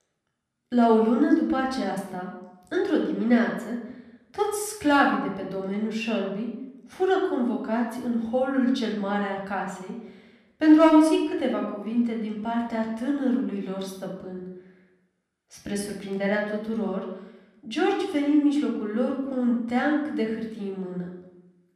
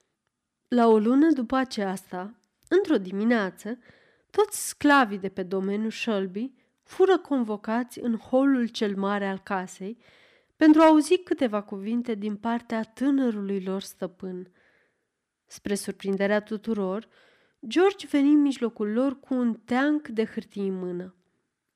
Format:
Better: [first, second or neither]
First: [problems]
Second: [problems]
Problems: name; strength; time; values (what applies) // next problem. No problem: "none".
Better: second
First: off-mic speech; somewhat distant // room echo; noticeable; dies away in 0.7 s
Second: none